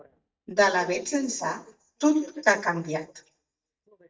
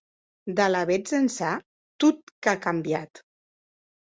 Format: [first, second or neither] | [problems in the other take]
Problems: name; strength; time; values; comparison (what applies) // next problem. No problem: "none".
second | noise reduction (neural mask model DeepFilterNet 3)